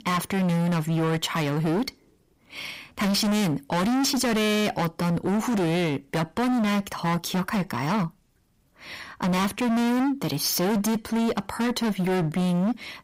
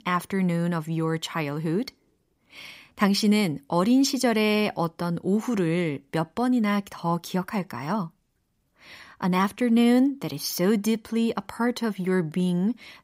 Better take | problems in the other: second | distortion; heavy; 33% of the sound clipped

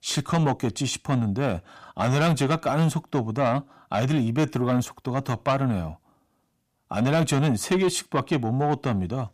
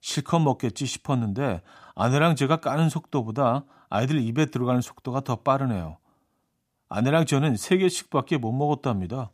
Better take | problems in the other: second | distortion; slight; 10 dB below the speech

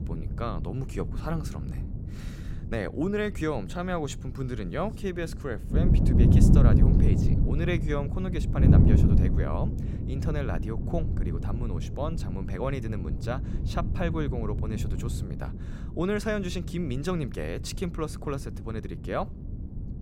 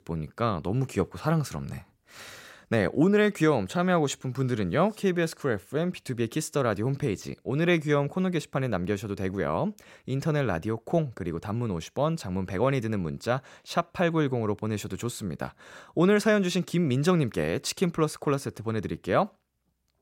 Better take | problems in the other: second | wind noise on the microphone; heavy; 3 dB below the speech

